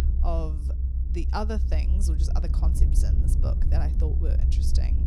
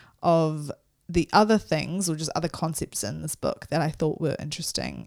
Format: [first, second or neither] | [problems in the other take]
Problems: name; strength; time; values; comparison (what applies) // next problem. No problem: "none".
second | low rumble; loud; throughout; 6 dB below the speech